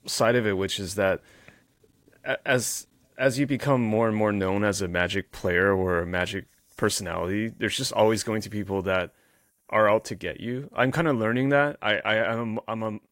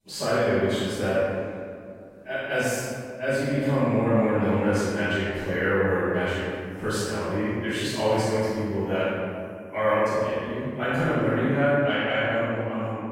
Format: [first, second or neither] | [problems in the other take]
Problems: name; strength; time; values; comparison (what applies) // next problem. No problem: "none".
first | room echo; strong; dies away in 2.1 s // off-mic speech; far